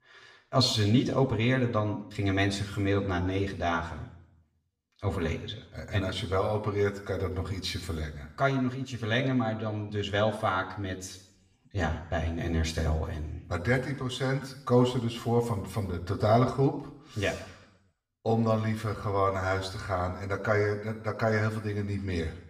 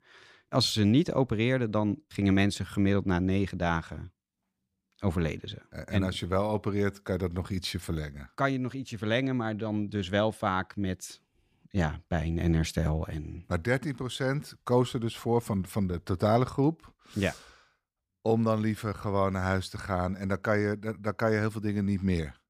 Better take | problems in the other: second | room echo; slight; dies away in 0.7 s // off-mic speech; far

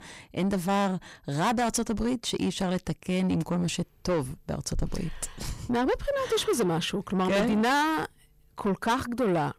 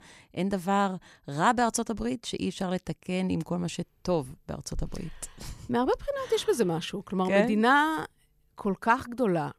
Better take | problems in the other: second | distortion; heavy; 7 dB below the speech

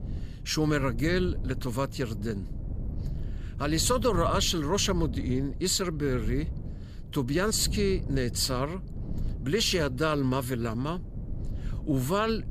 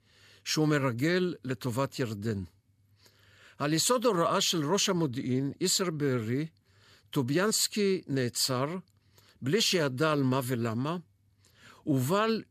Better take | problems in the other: second | wind noise on the microphone; occasional gusts; 20 dB below the speech

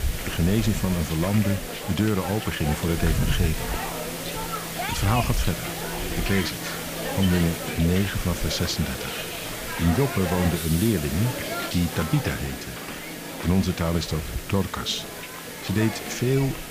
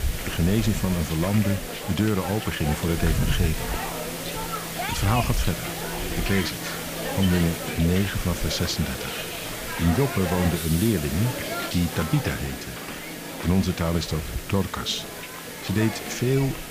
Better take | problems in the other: neither | hiss; loud; throughout; 5 dB below the speech; the same in both

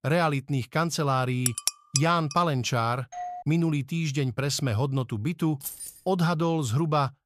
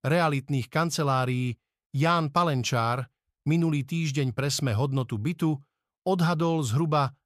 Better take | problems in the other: second | clattering dishes; noticeable; at 1.5 s; peak level with the speech // doorbell; faint; at 3 s; peak 10 dB below the speech // jangling keys; noticeable; at 5.5 s; peak 9 dB below the speech

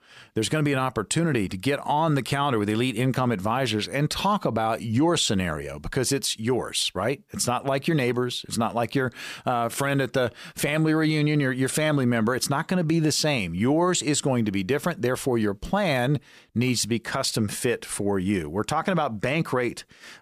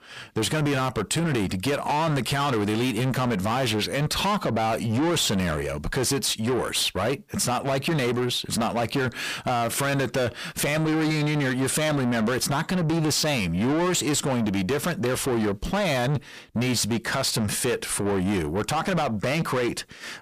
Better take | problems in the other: first | distortion; heavy; 8 dB below the speech

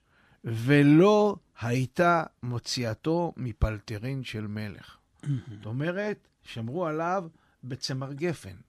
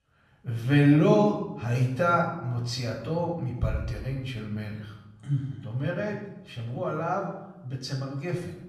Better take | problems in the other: first | off-mic speech; somewhat distant // room echo; noticeable; dies away in 0.8 s

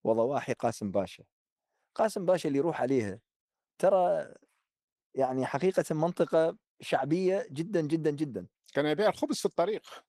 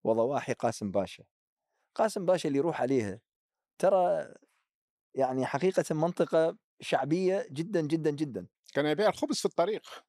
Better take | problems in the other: second | garbled, watery; slightly

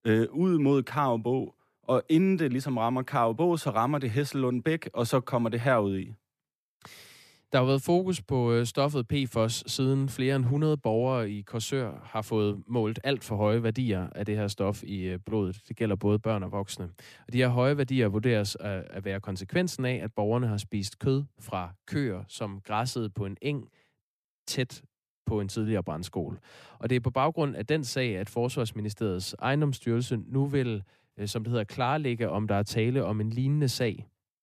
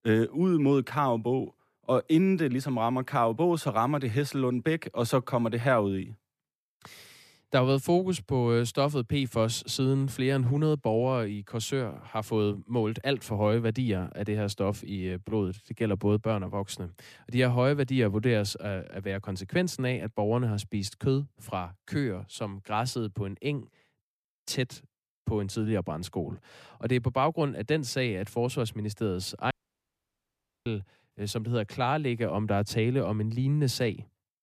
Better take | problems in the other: first | audio cutting out; at 30 s for 1 s

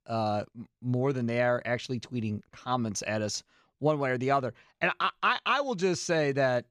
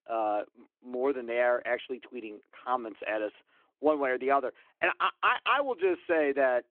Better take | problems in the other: first | phone-call audio

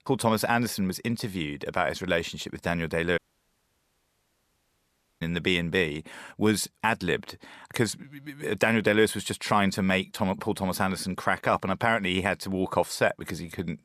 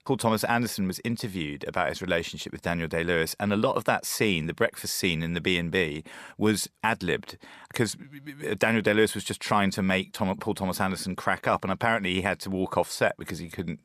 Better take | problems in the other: second | audio cutting out; at 3 s for 2 s

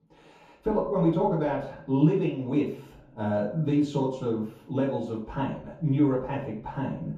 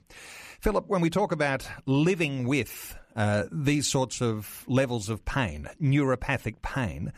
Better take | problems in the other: second | room echo; noticeable; dies away in 0.6 s // off-mic speech; far

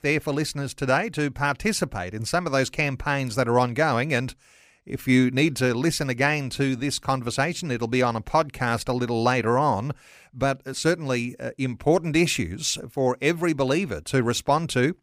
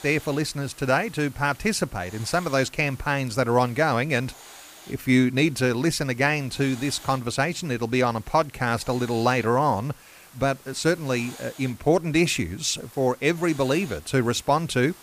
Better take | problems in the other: first | hiss; faint; throughout; 20 dB below the speech

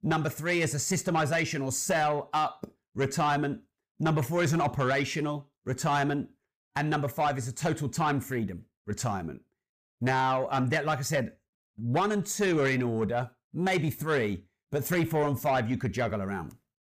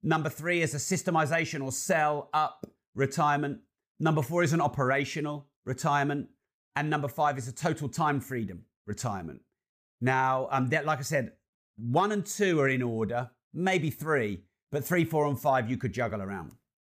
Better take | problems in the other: second | distortion; slight; 10 dB below the speech

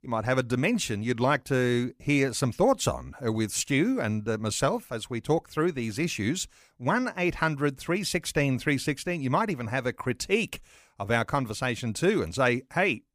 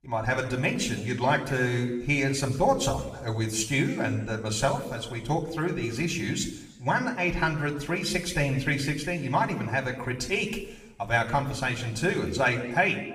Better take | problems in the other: first | room echo; slight; dies away in 0.9 s // off-mic speech; somewhat distant

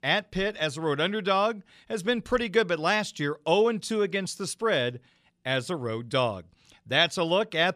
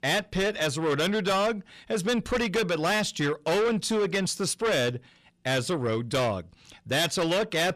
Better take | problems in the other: first | distortion; heavy; 6 dB below the speech

